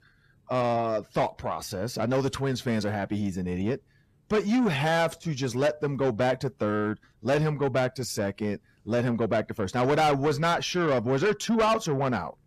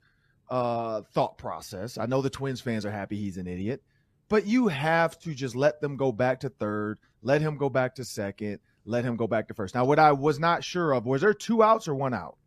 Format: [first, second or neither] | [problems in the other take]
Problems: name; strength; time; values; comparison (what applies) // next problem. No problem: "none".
second | distortion; heavy; 8 dB below the speech